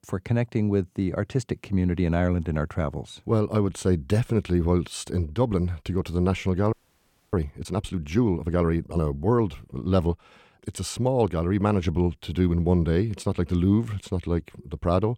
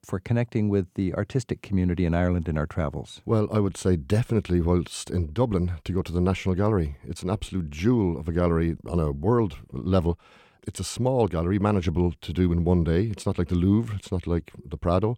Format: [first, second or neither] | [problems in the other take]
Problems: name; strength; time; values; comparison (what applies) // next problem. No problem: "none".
second | audio freezing; at 6.5 s for 0.5 s